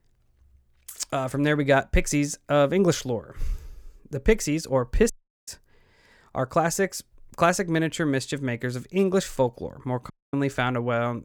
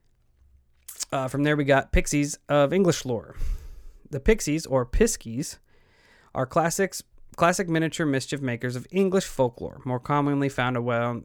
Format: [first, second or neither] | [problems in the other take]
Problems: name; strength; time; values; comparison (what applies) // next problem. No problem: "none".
second | audio cutting out; at 5 s and at 10 s